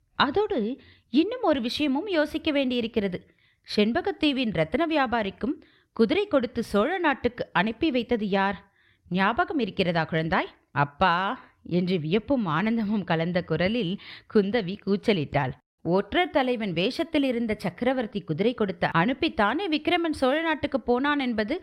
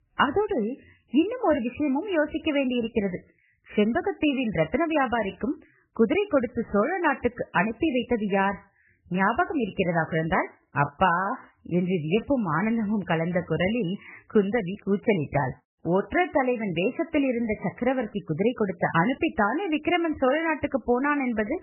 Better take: first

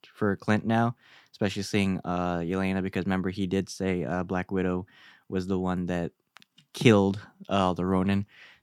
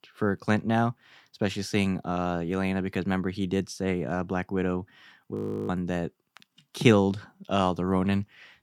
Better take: first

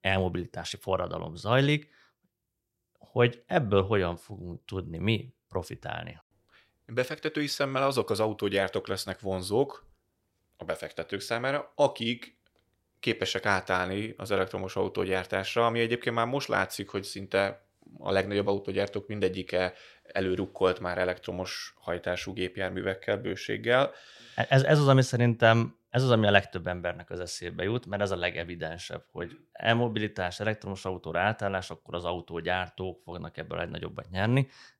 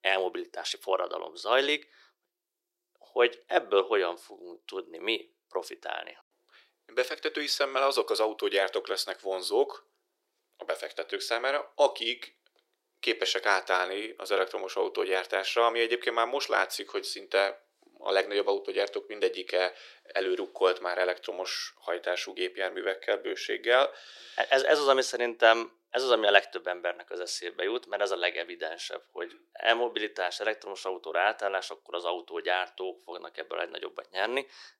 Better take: first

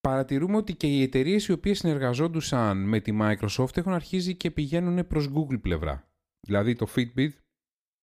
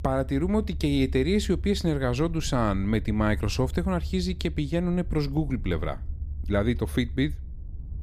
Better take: first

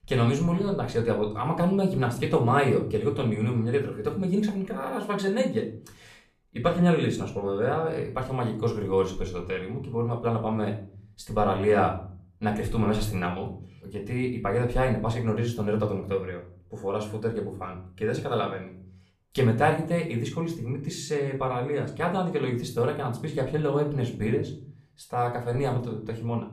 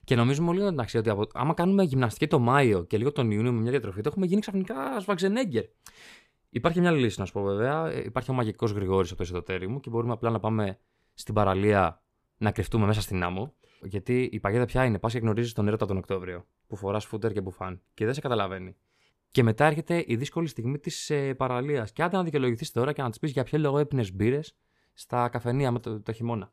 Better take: second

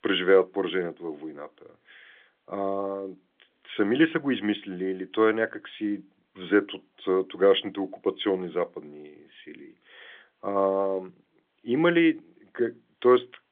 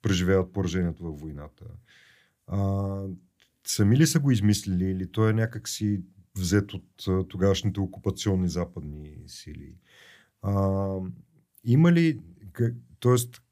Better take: second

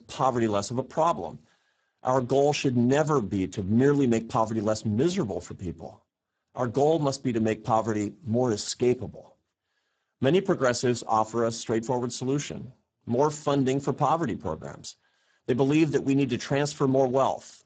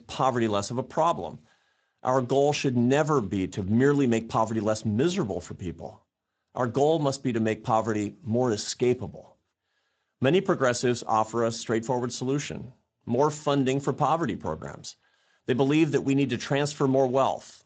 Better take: second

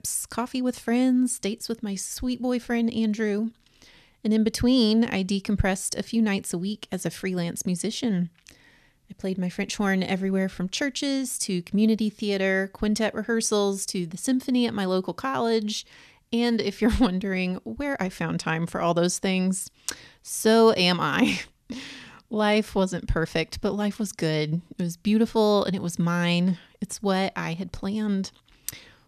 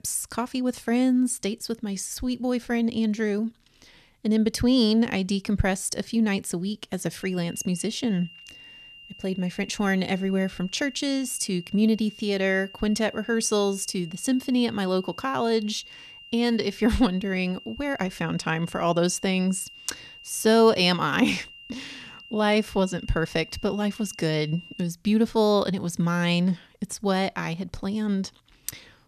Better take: first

